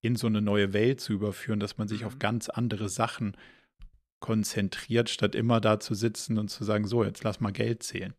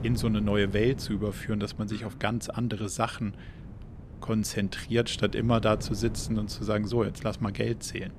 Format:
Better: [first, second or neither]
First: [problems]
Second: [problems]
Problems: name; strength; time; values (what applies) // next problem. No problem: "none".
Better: first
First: none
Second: wind noise on the microphone; occasional gusts; 20 dB below the speech